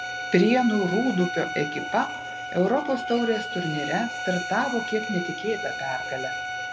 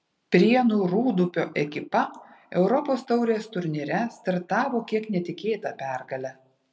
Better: second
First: background sound (Bowed string instrument); 6 dB below the speech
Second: none

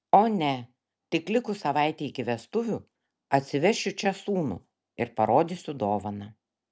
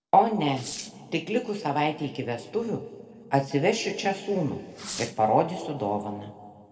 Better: first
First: none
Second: noise reduction (neural separator model SepFormer DNS4)

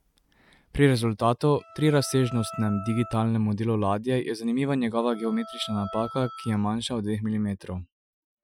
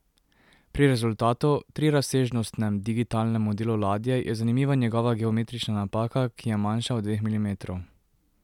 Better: second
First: noise reduction (classical method Wiener filter)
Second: none

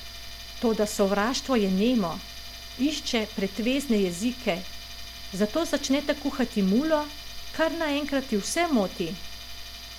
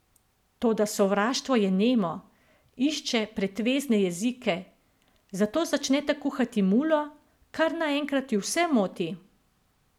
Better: second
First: background sound (Engine + Tools); 12 dB below the speech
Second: none

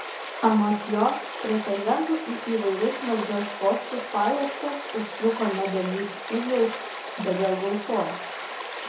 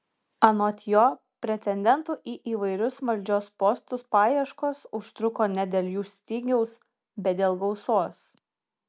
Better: second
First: background sound (Stream); 8 dB below the speech // room echo; dies away in 0.6 s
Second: none

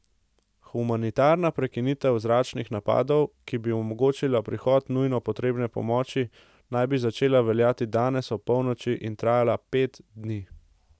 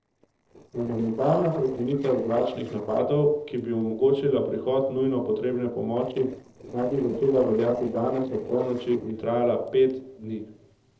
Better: first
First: none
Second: noise reduction (neural separator model SepFormer DNS4)

